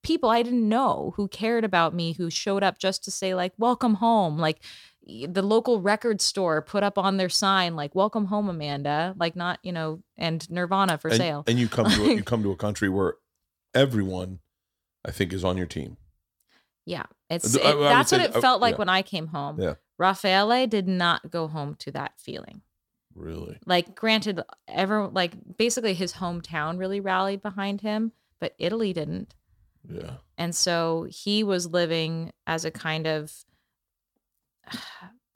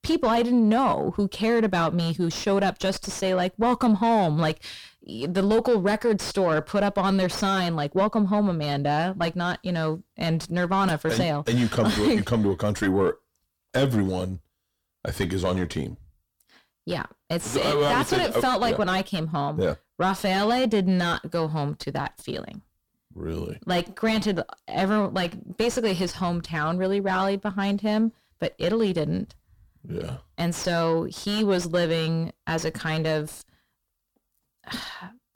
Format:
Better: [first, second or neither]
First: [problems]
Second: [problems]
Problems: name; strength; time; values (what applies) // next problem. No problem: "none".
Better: first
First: none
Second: distortion; heavy; 5 dB below the speech